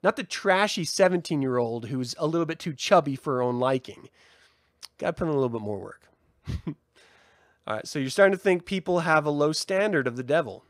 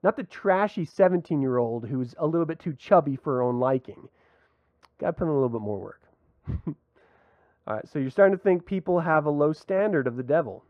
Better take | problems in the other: first | muffled; very; fading above 2.5 kHz

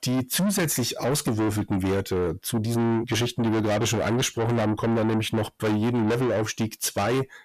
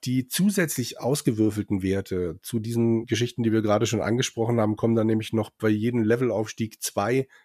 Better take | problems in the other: second | distortion; heavy; 6 dB below the speech

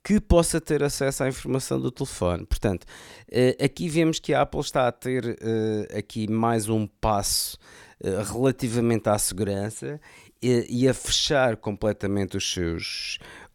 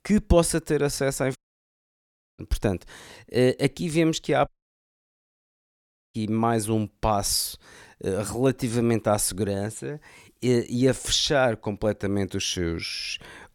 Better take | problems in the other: first | audio cutting out; at 1.5 s for 1 s and at 4.5 s for 1.5 s

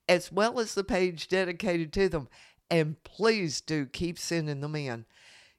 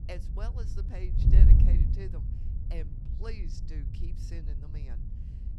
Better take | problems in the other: first | wind noise on the microphone; heavy; 2 dB above the speech

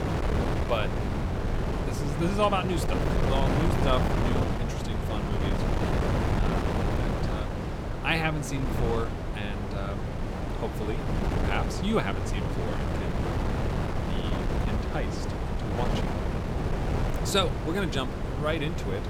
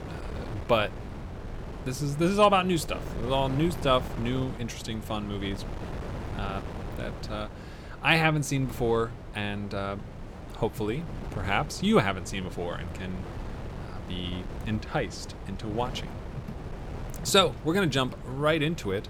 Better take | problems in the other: second | wind noise on the microphone; heavy; 2 dB below the speech; occasional gusts in the second

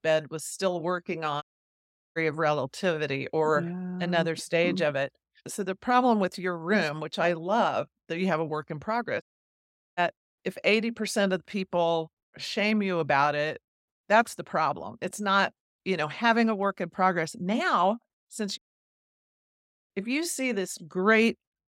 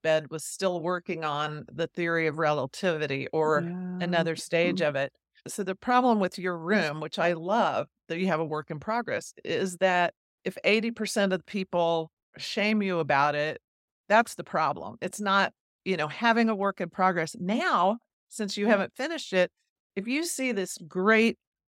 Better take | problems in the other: second | audio cutting out; at 1.5 s for 0.5 s, at 9 s for 1 s and at 19 s for 1.5 s

